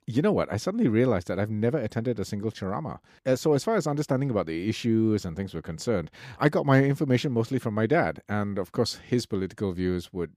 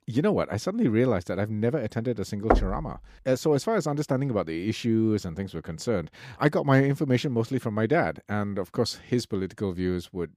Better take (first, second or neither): first